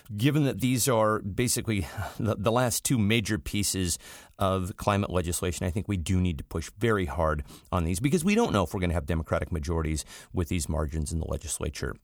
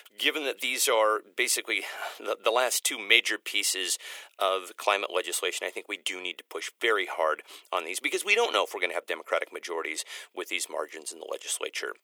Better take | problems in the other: first | thin; very; fading below 400 Hz

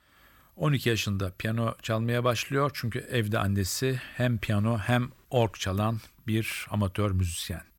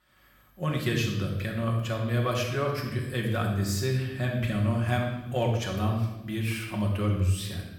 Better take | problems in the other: first | room echo; noticeable; dies away in 1 s // off-mic speech; somewhat distant

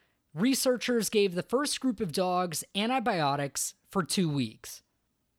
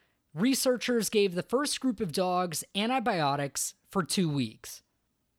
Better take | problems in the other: neither | none

